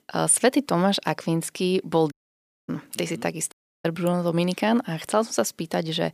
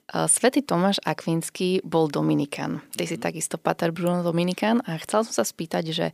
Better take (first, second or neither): second